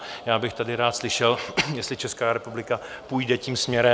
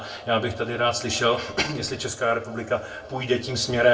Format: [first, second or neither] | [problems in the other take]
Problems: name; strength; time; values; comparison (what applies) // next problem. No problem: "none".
first | room echo; dies away in 0.2 s